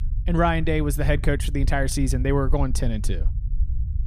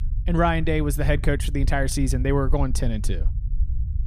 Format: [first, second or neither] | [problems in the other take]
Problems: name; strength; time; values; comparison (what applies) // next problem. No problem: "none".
neither | low rumble; faint; throughout; 20 dB below the speech; the same in both